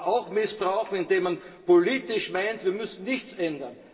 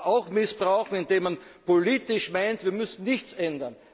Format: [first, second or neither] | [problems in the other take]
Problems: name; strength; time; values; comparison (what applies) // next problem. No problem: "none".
second | room echo; dies away in 2.9 s